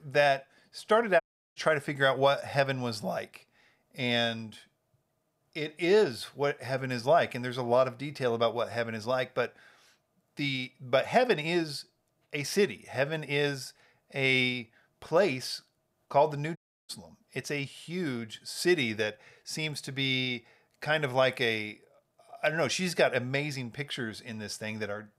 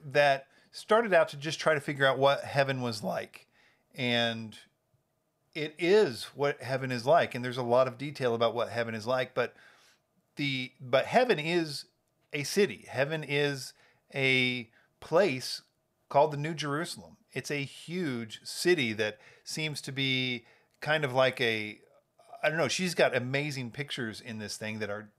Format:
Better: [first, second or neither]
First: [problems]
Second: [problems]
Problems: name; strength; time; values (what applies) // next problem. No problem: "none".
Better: second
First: audio cutting out; at 1 s and at 17 s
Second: none